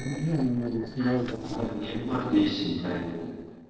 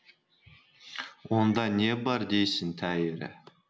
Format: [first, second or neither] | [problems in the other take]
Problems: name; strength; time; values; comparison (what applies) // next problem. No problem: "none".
second | noise reduction (neural separator model SepFormer DNS4)